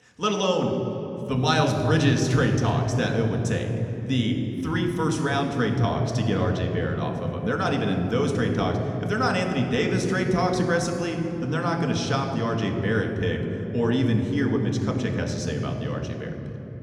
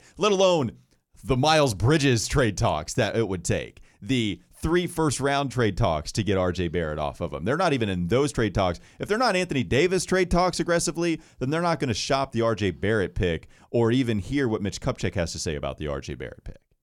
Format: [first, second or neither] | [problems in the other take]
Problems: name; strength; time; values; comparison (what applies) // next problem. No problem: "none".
second | room echo; noticeable; dies away in 3 s // off-mic speech; somewhat distant